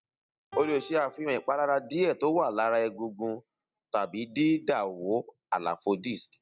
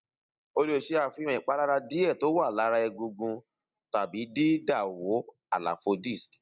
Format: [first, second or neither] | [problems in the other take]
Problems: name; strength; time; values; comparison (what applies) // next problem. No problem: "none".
second | background sound (Piano); 17 dB below the speech